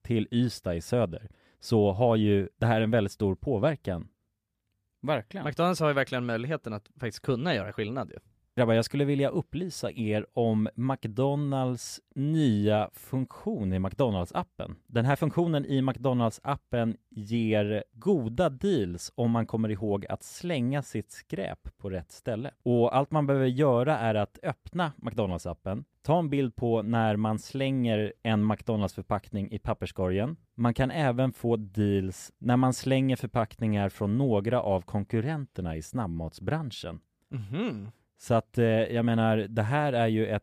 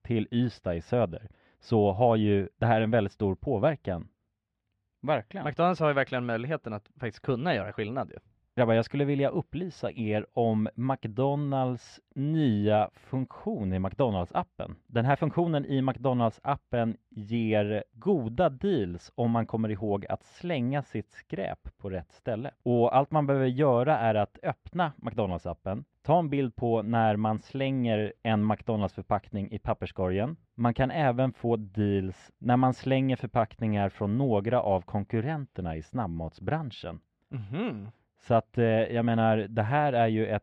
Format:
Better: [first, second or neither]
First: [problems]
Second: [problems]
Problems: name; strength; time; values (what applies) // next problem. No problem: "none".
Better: first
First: none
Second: muffled; slightly; fading above 3 kHz